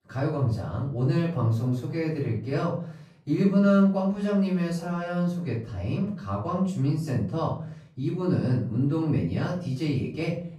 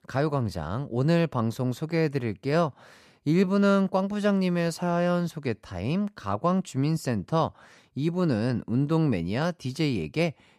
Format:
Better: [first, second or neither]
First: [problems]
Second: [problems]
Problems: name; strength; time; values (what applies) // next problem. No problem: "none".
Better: second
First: off-mic speech; far // room echo; noticeable; dies away in 0.5 s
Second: none